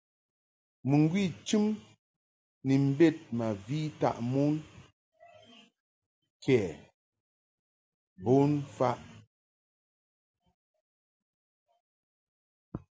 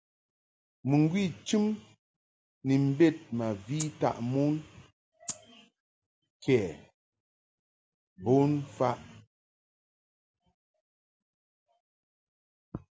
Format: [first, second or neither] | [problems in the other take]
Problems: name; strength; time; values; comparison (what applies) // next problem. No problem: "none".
first | background sound (Rattle (instrument)); 10 dB below the speech